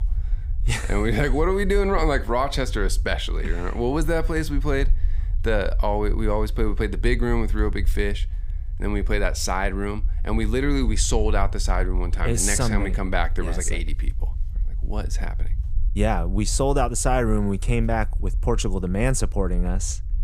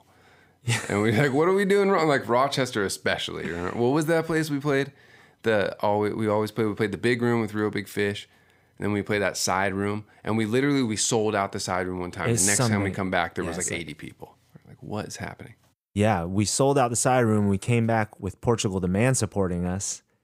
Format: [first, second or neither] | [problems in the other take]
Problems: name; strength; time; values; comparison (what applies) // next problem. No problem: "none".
second | low rumble; faint; throughout; 25 dB below the speech